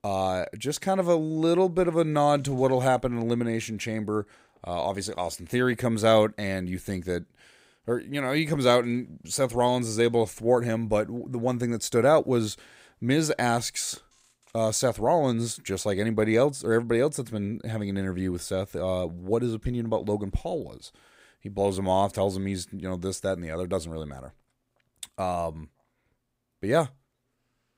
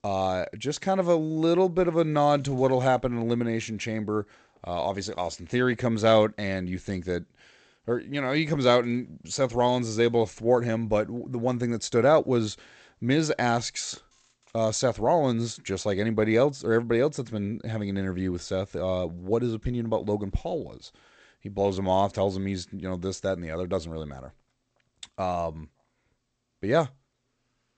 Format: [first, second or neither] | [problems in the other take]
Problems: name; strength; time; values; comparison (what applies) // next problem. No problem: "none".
first | garbled, watery; slightly; nothing above 8 kHz